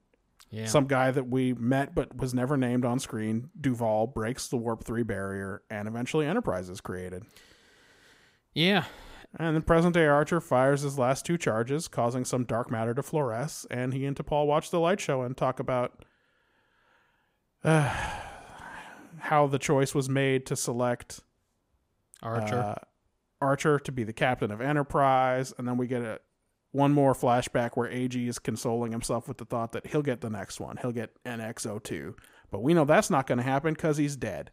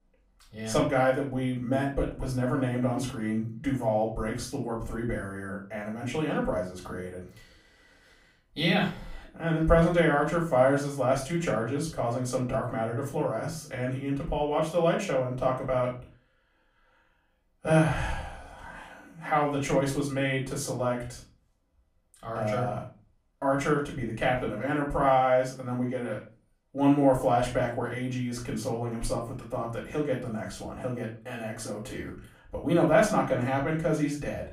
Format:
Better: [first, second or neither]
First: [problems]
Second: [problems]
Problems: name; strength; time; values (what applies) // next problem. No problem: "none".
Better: first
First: none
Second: room echo; slight; dies away in 0.3 s // off-mic speech; far